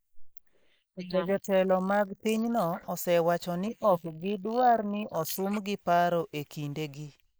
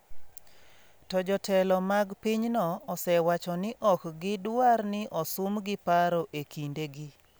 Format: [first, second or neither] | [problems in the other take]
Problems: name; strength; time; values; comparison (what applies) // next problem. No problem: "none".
second | noise reduction (neural mask model Resemble Enhance denoiser)